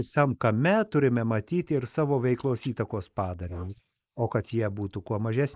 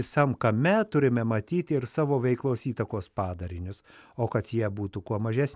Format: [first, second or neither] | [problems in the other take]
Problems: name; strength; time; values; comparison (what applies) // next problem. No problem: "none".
second | noise reduction (neural mask model Resemble Enhance denoiser)